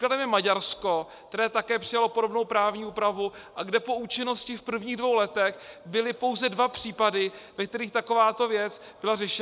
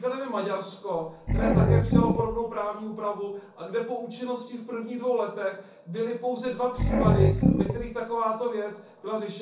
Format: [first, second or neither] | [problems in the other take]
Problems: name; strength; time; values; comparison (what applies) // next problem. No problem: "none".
first | background sound (Growling); 5 dB above the speech // room echo; dies away in 0.6 s